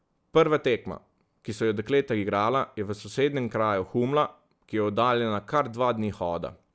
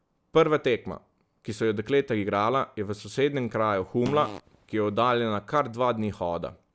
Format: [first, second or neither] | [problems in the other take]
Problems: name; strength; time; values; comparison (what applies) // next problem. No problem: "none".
first | background sound (Fart); 14 dB below the speech